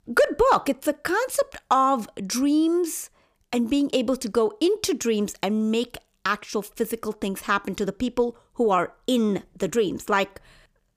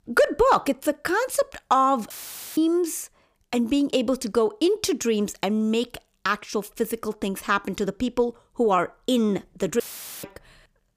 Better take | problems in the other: first | audio cutting out; filled with static; at 2 s and at 10 s

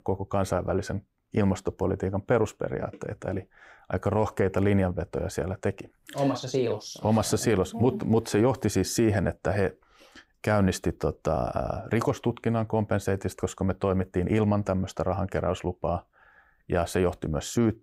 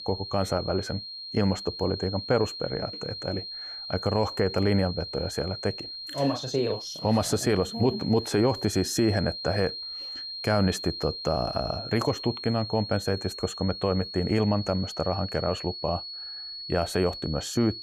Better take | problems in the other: first | high-pitched whine; loud; throughout; 4 kHz, 8 dB below the speech

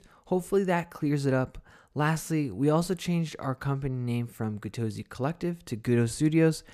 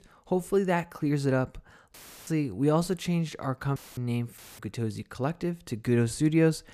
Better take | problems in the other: first | audio cutting out; filled with static; at 2 s, at 4 s and at 4.5 s

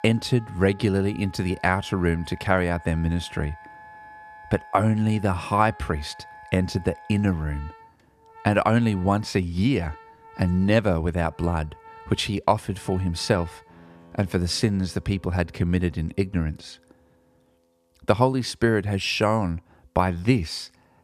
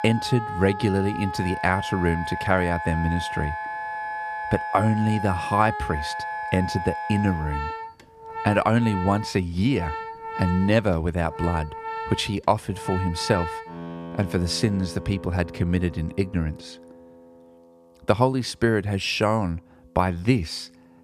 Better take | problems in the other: first | background music; loud; throughout; 8 dB below the speech; faint in the first

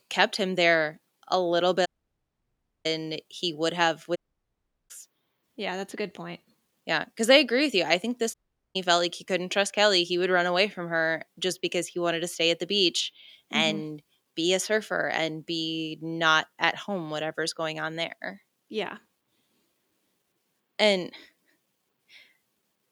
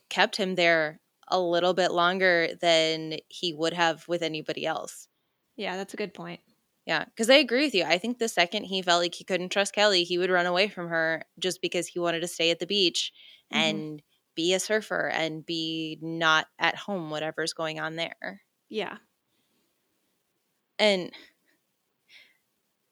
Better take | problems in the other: second | audio cutting out; at 2 s for 1 s, at 4 s for 0.5 s and at 8.5 s

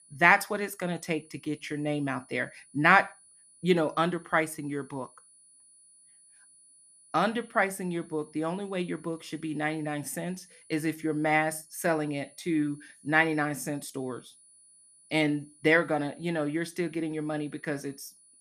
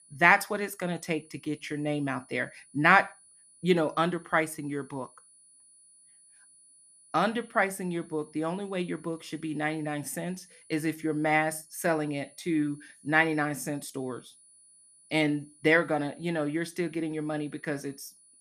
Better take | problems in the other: neither | high-pitched whine; faint; throughout; 10 kHz, 25 dB below the speech; the same in both

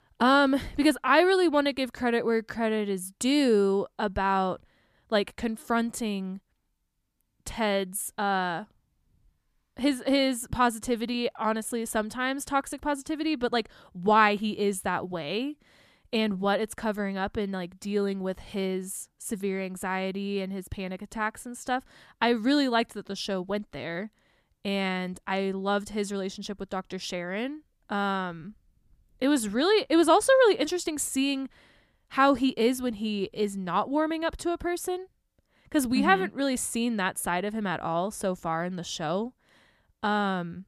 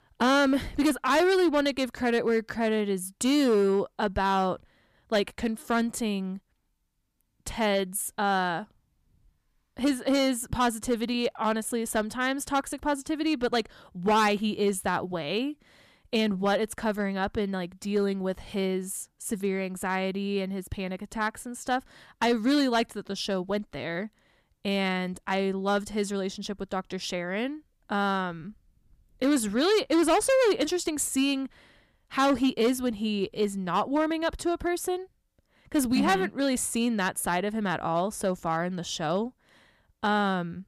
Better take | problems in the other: first | distortion; slight; 4% of the sound clipped

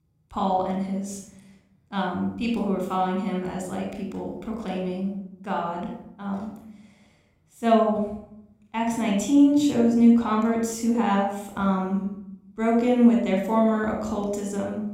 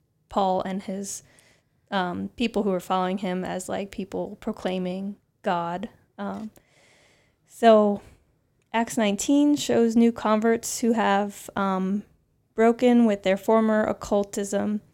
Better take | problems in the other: second | off-mic speech; somewhat distant // room echo; noticeable; dies away in 0.6 s

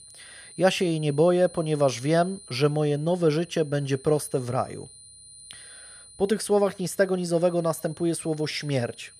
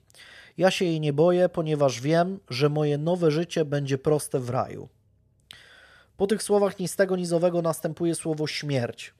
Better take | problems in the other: second | high-pitched whine; faint; throughout; 9.5 kHz, 20 dB below the speech

